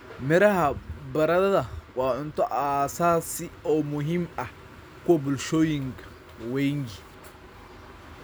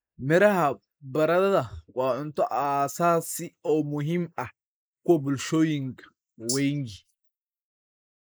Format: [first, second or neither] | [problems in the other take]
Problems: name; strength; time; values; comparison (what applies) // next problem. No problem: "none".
first | noise reduction (neural mask model Resemble Enhance denoiser)